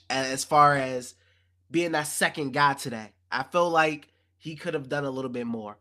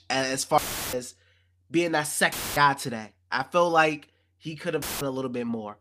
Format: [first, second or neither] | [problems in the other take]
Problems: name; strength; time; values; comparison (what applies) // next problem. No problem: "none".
first | audio cutting out; filled with static; at 0.5 s, at 2.5 s and at 5 s